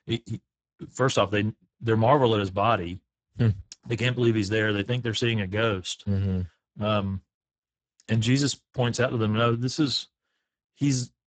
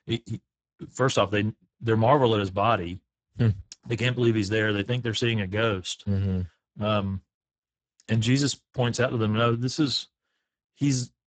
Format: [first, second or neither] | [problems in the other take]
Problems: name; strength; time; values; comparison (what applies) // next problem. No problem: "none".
neither | garbled, watery; badly; nothing above 8 kHz; the same in both